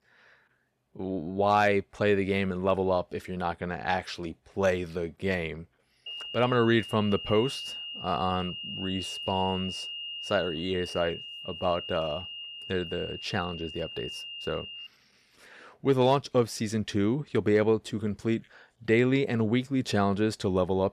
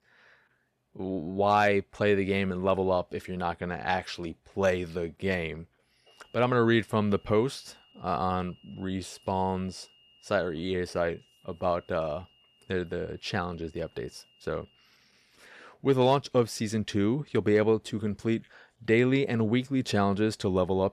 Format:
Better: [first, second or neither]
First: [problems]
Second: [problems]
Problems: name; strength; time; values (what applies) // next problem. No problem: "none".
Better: second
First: high-pitched whine; loud; from 6 to 15 s; 3 kHz, 9 dB below the speech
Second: high-pitched whine; faint; from 6 to 15 s; 3 kHz, 30 dB below the speech